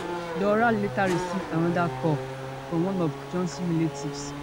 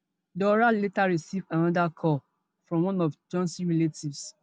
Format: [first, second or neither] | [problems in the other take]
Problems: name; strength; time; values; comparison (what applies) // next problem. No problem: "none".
second | background sound (Race car, auto racing / Accelerating, revving, vroom); 6 dB below the speech